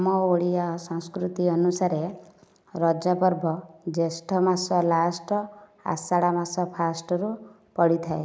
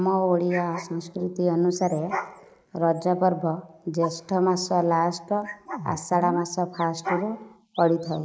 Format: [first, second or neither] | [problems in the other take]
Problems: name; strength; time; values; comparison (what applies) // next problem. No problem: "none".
first | noise reduction (neural mask model Resemble Enhance denoiser)